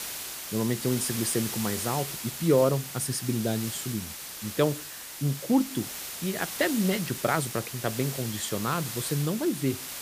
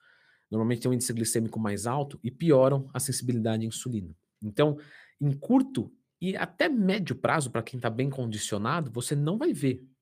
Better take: second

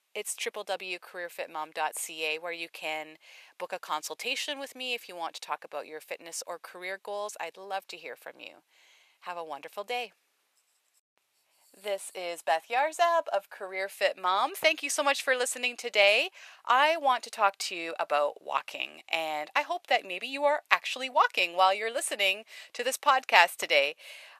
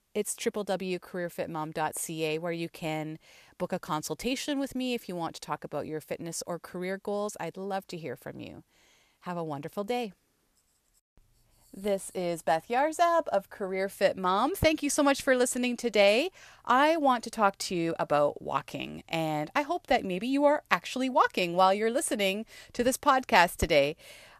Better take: second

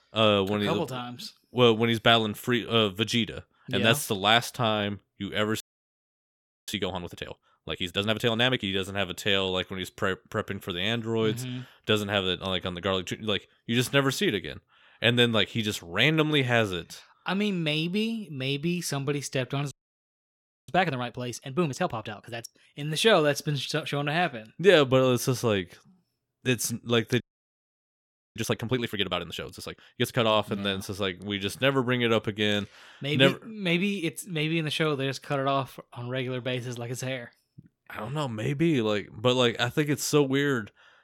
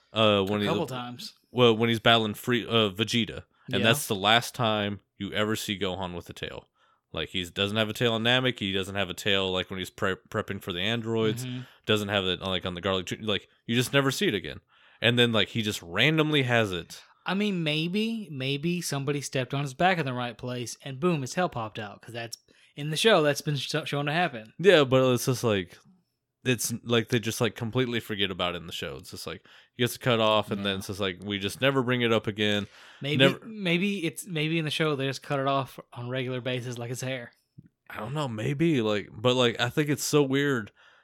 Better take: second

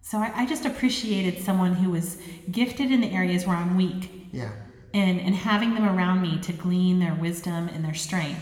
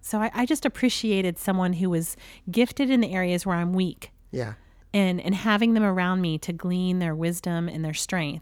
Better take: second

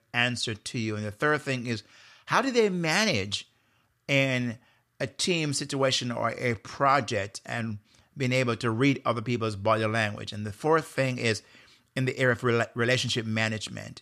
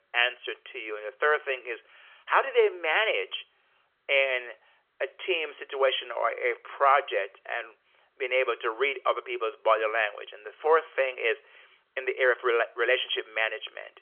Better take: first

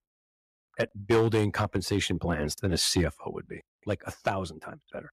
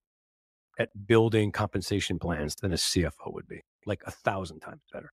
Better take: second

